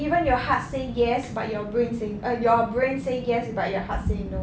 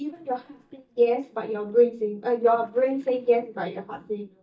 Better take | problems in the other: first | noise reduction (neural mask model DeepFilterNet 3)

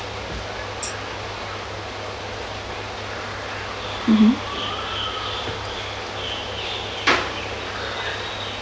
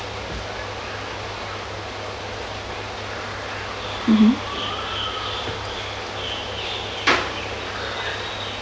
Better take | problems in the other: second | background sound (Tambourine); 15 dB below the speech

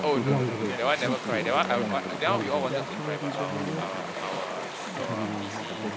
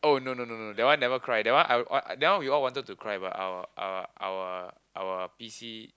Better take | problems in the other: second | background sound (Chatter / Stream); as loud as the speech

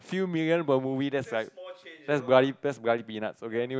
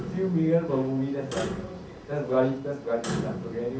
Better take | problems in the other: first | background sound (Clock); 8 dB below the speech // room echo; dies away in 0.6 s

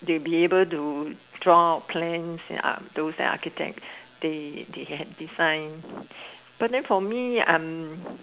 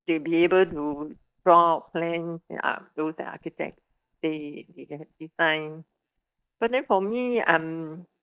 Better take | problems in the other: first | noise reduction (neural mask model DeepFilterNet 3)

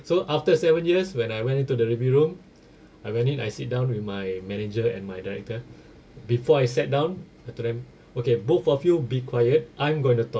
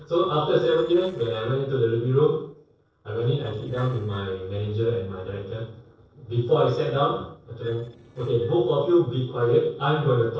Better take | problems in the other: first | noise reduction (neural separator model SepFormer DNS4)

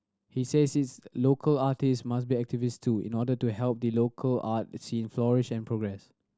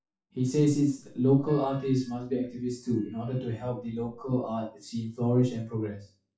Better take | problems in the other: first | noise reduction (classical method WPE with log-MMSE)

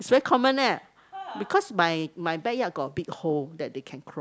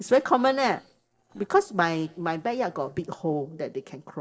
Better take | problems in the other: first | noise reduction (neural separator model SepFormer DNS4)

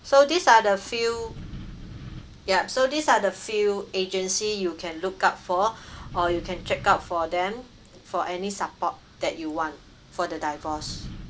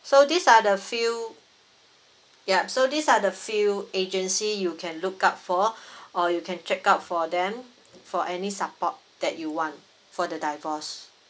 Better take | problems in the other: second | background sound (Wind); 18 dB below the speech

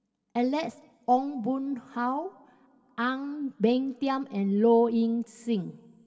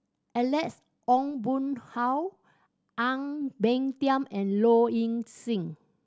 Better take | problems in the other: second | room echo; dies away in 1.9 s

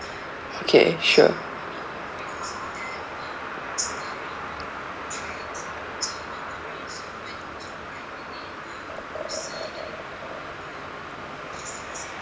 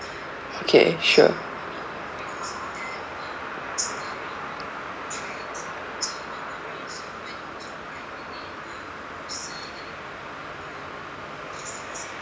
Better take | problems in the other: second | background sound (Liquid); 18 dB below the speech

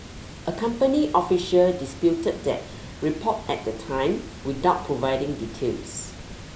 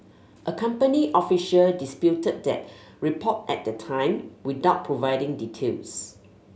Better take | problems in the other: second | background sound (Water); 15 dB below the speech

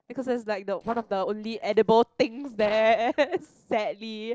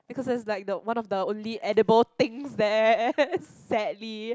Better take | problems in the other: second | noise reduction (neural separator model SepFormer DNS4)

